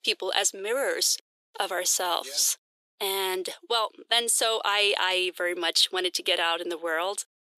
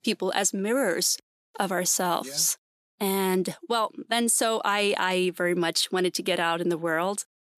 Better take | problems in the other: second | thin; very; fading below 400 Hz

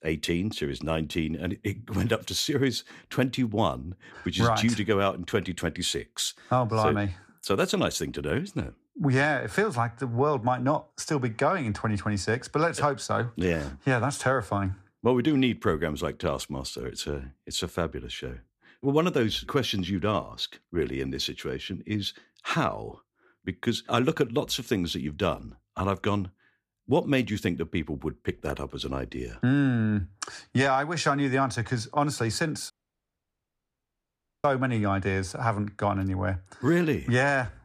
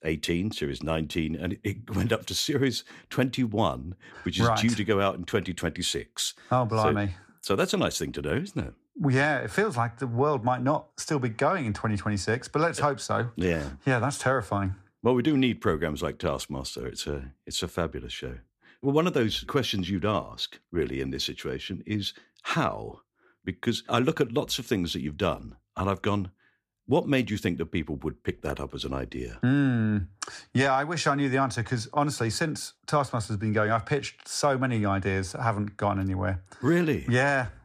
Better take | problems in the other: second | audio cutting out; at 33 s for 1.5 s

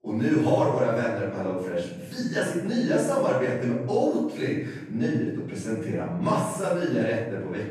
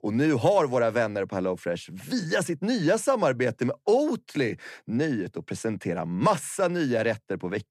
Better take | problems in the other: second | off-mic speech; far // room echo; strong; dies away in 0.8 s

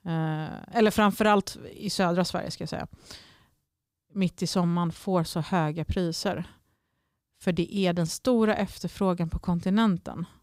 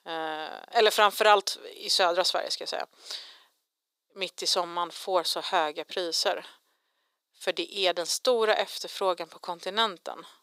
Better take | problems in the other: first | thin; very; fading below 450 Hz

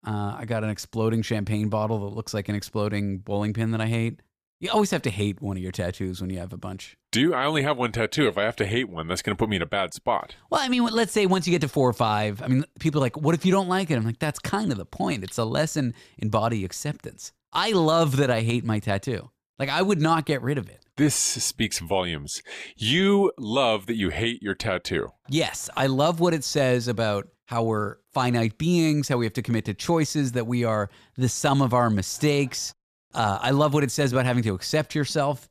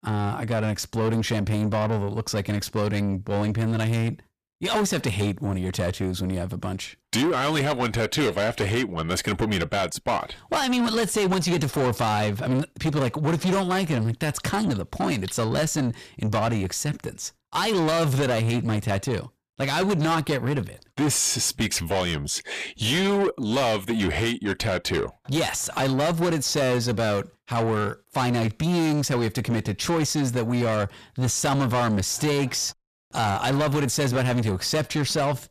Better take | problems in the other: first | distortion; heavy; 8 dB below the speech

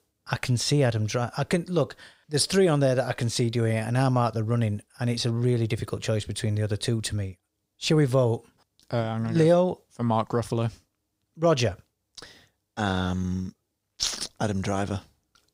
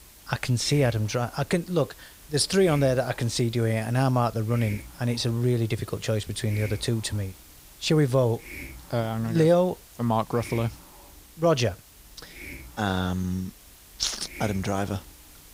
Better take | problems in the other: first | hiss; noticeable; throughout; 20 dB below the speech

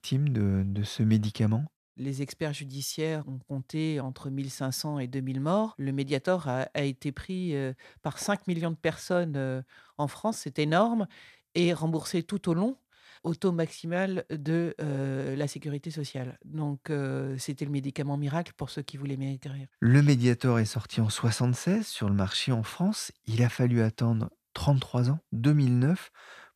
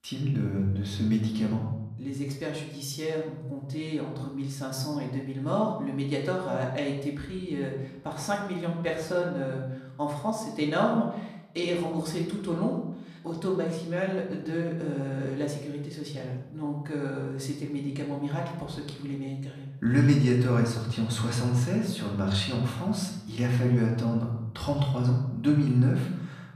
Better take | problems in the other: first | off-mic speech; far // room echo; noticeable; dies away in 0.7 s

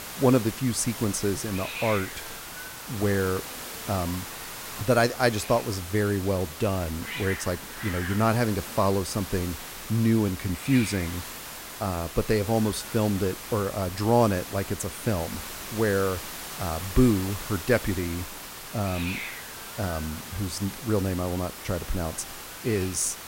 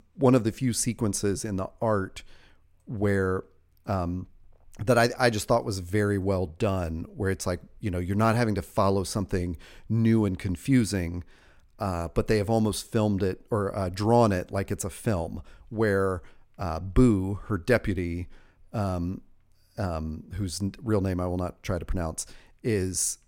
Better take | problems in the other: second | hiss; loud; throughout; 9 dB below the speech

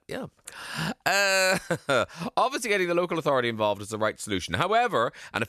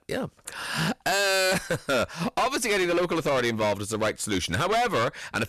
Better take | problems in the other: first | distortion; heavy; 21% of the sound clipped

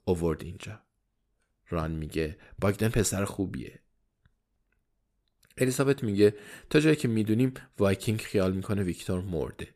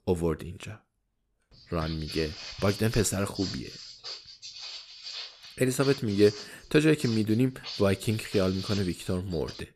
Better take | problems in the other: first | footsteps; noticeable; from 1.5 s on; peak 9 dB below the speech

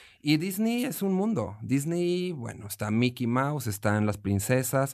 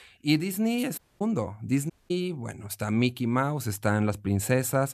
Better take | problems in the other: first | audio cutting out; at 1 s and at 2 s

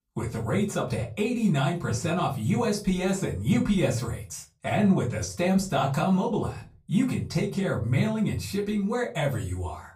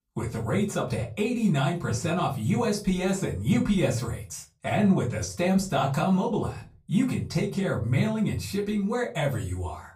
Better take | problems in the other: neither | off-mic speech; far; the same in both // room echo; very slight; dies away in 0.4 s; the same in both

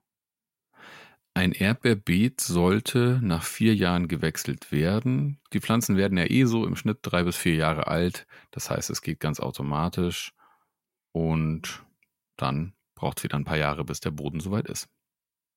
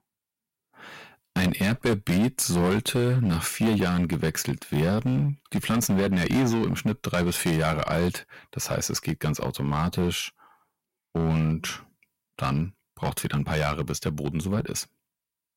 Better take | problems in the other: first | distortion; heavy; 9% of the sound clipped

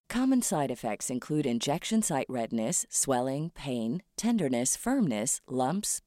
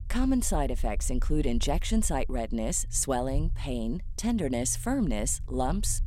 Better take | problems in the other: first | low rumble; faint; throughout; 25 dB below the speech

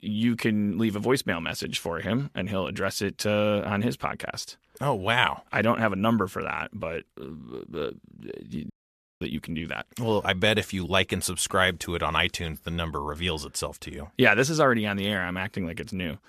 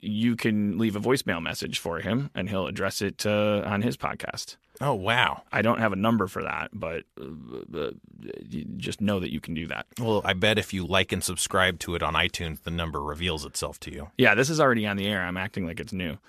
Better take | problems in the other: second | audio cutting out; at 8.5 s for 0.5 s

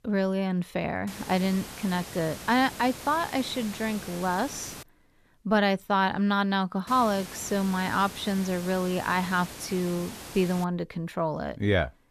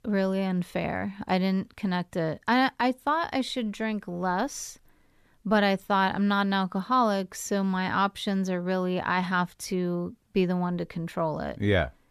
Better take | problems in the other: second | hiss; noticeable; from 1 to 5 s and from 7 to 11 s; 15 dB below the speech

